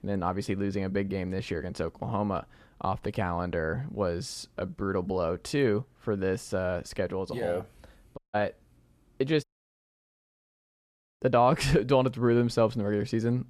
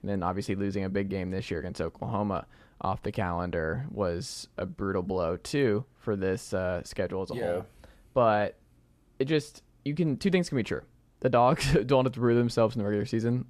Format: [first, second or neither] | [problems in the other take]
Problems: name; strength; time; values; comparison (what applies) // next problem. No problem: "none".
second | audio cutting out; at 8 s and at 9.5 s for 2 s